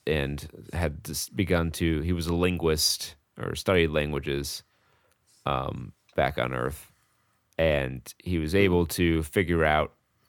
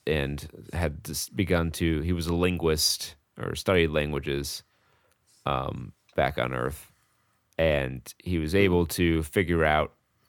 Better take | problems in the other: neither | none

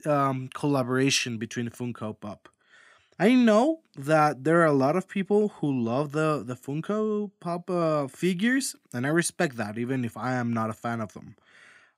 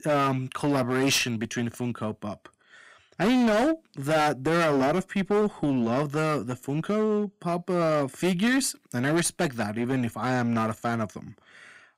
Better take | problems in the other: first | distortion; heavy; 14% of the sound clipped

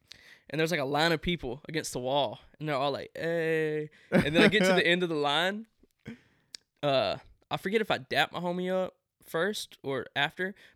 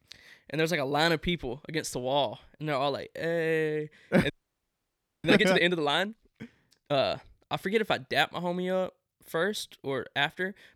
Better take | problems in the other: first | audio freezing; at 4.5 s for 1 s

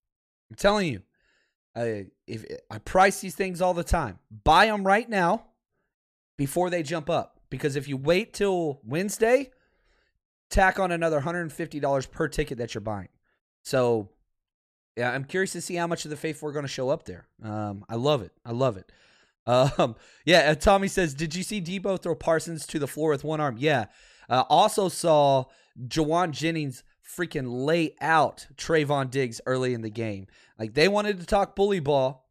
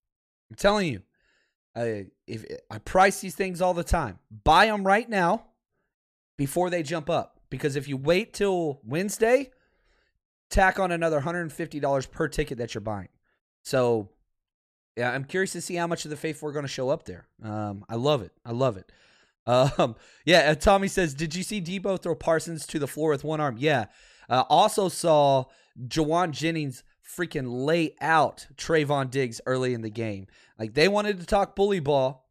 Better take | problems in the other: neither | none

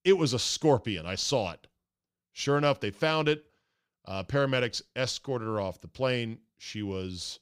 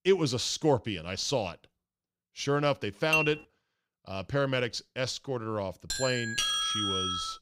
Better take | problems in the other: first | clattering dishes; loud; at 3 s; peak 3 dB above the speech // doorbell; loud; from 6 s on; peak 4 dB above the speech

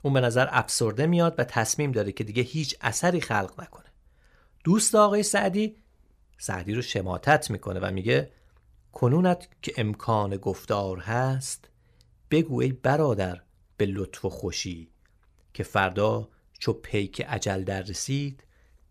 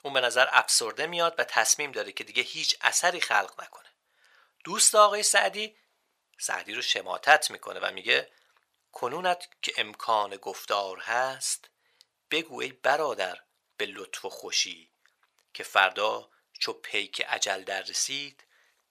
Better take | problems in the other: first | thin; very; fading below 800 Hz

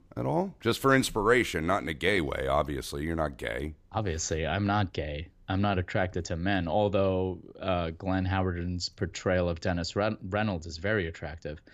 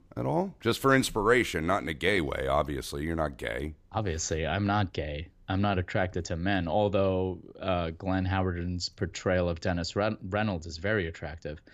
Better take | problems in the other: neither | none

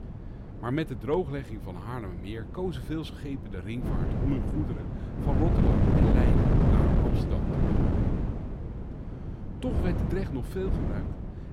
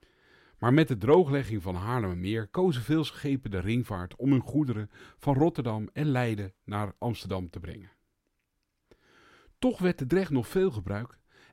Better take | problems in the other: second | wind noise on the microphone; heavy; 3 dB above the speech

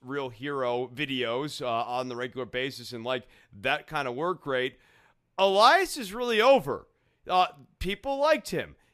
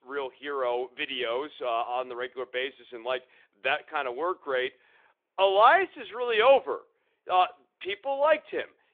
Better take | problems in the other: first | phone-call audio; nothing above 3.5 kHz

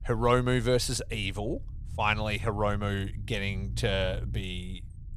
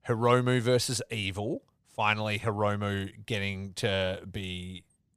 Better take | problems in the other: second | low rumble; faint; throughout; 25 dB below the speech

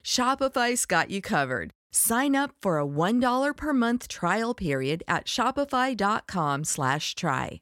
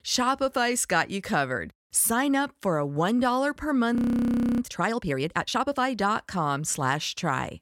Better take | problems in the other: first | audio freezing; at 4 s for 0.5 s

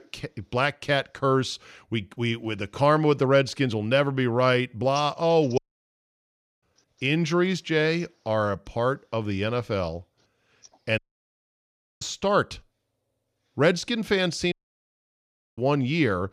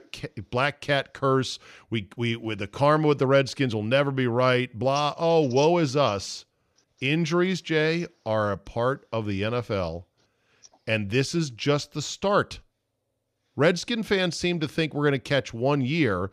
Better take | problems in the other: second | audio cutting out; at 5.5 s for 1 s, at 11 s for 1 s and at 15 s for 1 s

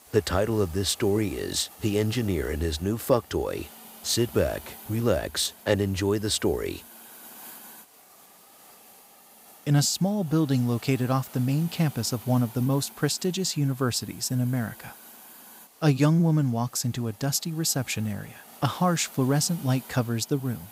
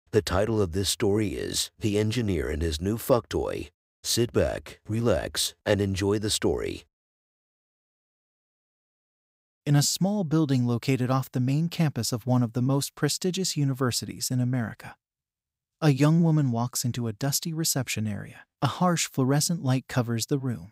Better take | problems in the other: second | hiss; noticeable; throughout; 20 dB below the speech

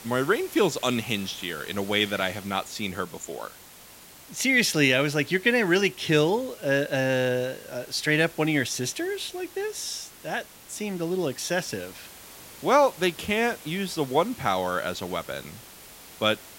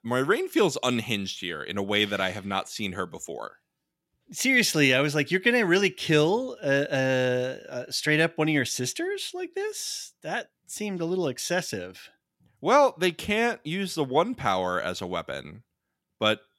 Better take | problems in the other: second | hiss; noticeable; throughout; 20 dB below the speech

